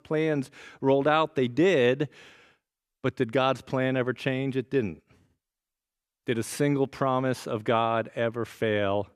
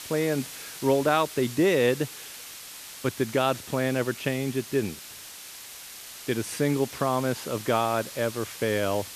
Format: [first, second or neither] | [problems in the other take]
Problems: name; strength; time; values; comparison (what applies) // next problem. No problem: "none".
first | hiss; noticeable; throughout; 10 dB below the speech